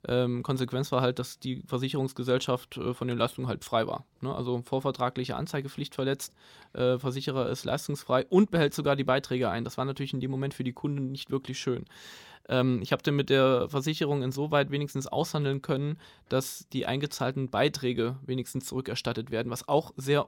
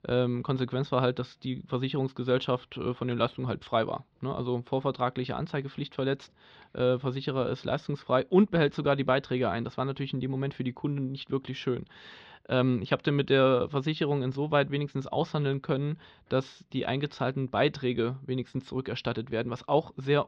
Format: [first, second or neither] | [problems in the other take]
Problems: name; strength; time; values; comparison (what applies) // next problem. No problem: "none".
first | muffled; slightly; fading above 4 kHz